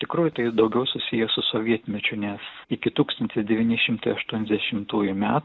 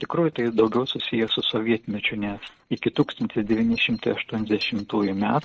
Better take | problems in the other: first | noise reduction (neural mask model RNNoise)

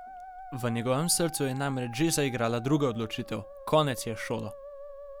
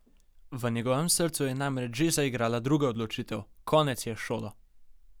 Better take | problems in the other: second | background sound (Musical instrument); 15 dB below the speech

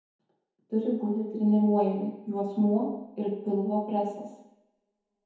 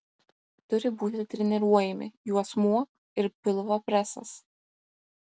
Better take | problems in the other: second | room echo; dies away in 1 s

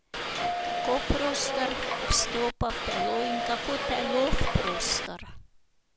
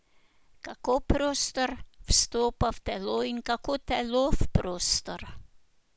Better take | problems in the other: second | background sound (Subway, metro, underground / Doorbell); as loud as the speech

